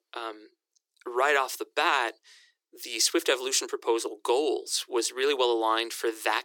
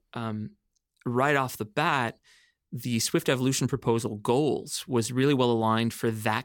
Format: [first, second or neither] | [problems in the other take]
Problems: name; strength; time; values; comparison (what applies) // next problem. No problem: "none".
second | thin; very; fading below 350 Hz